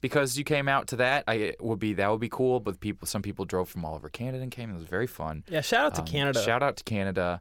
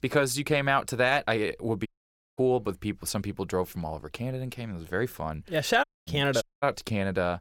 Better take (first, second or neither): first